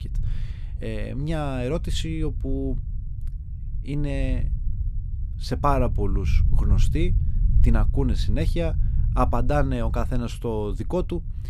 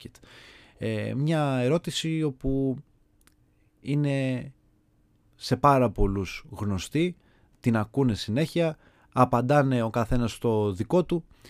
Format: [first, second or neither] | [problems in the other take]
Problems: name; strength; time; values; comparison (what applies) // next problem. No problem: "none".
second | low rumble; noticeable; throughout; 15 dB below the speech